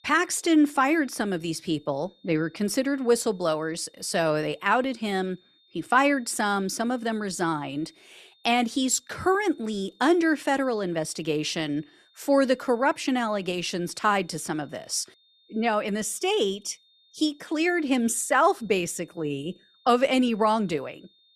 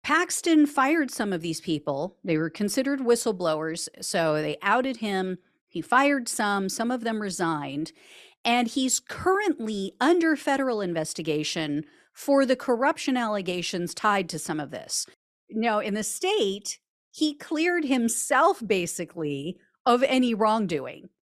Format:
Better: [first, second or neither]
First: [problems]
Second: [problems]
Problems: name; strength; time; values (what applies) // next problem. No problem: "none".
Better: second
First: high-pitched whine; faint; throughout; 3.5 kHz, 35 dB below the speech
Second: none